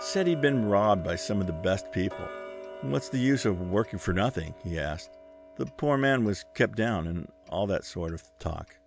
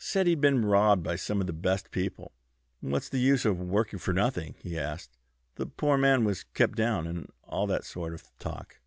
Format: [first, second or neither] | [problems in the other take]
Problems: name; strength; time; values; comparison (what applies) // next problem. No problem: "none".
second | background sound (Tick-tock); 15 dB below the speech